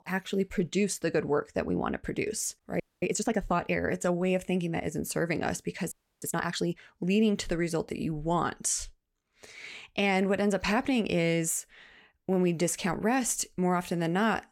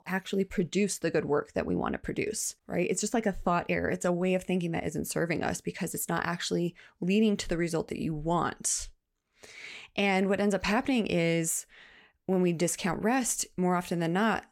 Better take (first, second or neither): second